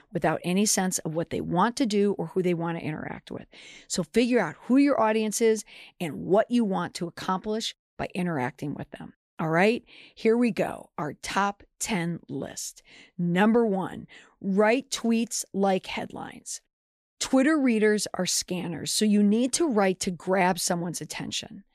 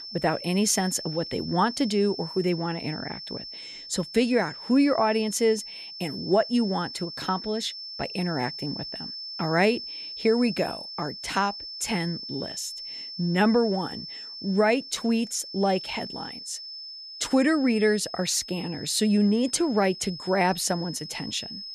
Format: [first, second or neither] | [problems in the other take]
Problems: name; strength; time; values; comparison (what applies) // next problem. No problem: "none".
first | high-pitched whine; noticeable; throughout; 5.5 kHz, 10 dB below the speech